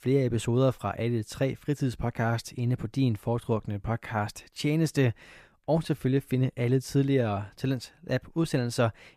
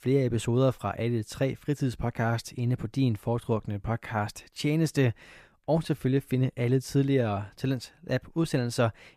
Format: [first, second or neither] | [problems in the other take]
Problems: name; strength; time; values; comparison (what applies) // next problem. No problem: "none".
neither | none